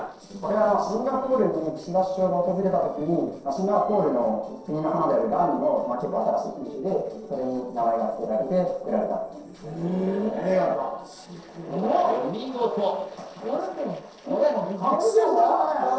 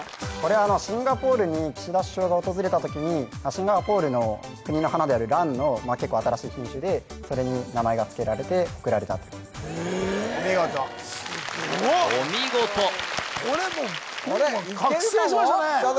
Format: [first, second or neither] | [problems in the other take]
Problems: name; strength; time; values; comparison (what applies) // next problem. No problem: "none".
second | noise reduction (neural separator model SepFormer DNS4)